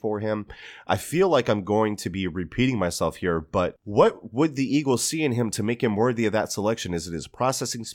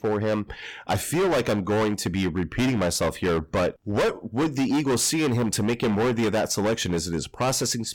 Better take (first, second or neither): first